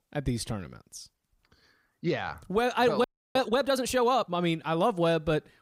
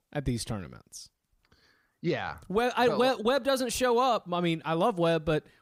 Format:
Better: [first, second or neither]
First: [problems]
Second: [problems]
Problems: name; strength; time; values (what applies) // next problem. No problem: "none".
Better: second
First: audio freezing; at 3 s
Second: none